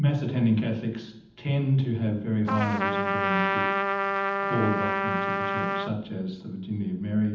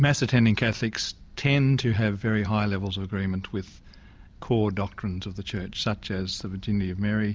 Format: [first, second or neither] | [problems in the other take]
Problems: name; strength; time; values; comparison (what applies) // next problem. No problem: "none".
second | background sound (Trumpet); 1 dB above the speech // room echo; dies away in 0.8 s